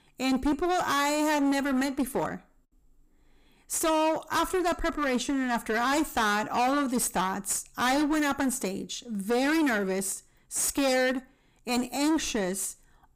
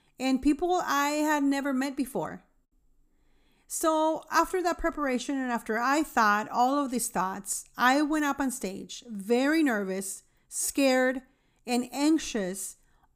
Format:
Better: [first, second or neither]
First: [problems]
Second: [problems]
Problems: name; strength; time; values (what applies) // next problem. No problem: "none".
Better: second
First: distortion; heavy; 19% of the sound clipped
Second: none